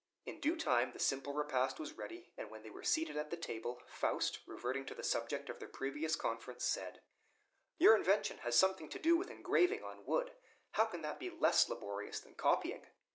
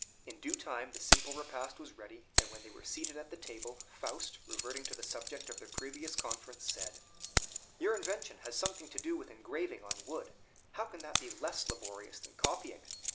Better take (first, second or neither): first